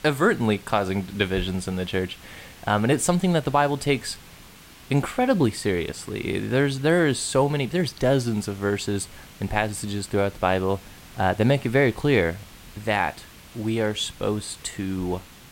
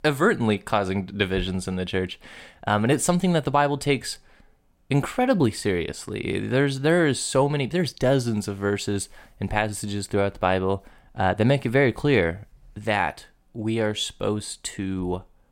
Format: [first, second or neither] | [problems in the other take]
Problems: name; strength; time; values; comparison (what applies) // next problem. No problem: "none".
second | hiss; faint; throughout; 20 dB below the speech